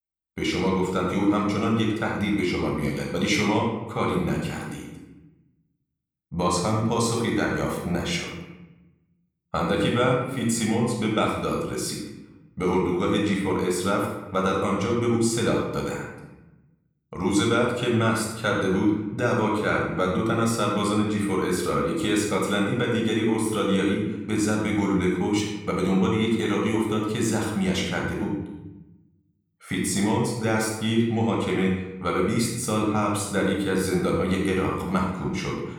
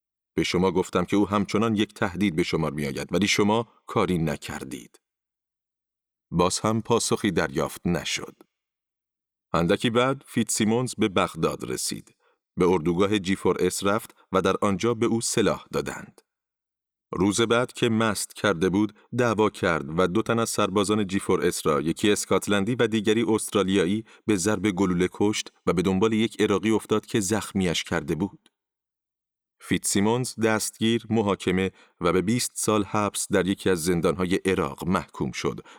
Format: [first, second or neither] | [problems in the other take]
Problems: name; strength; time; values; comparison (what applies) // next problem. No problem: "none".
second | off-mic speech; somewhat distant // room echo; noticeable; dies away in 0.9 s